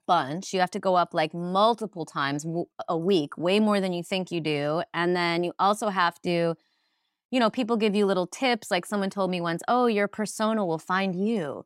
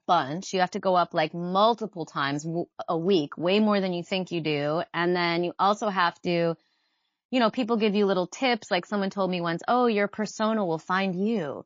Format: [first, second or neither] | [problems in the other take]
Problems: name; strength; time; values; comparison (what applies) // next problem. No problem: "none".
first | garbled, watery; slightly